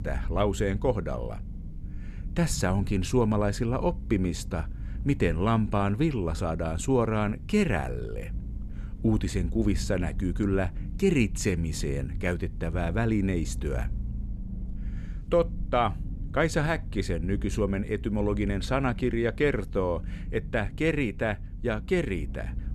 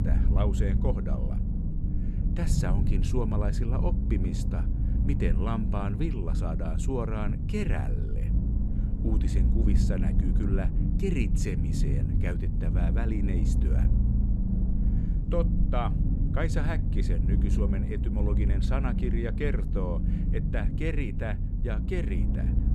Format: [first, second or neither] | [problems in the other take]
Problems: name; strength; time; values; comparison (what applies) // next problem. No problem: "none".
first | low rumble; loud; throughout; 4 dB below the speech; faint in the first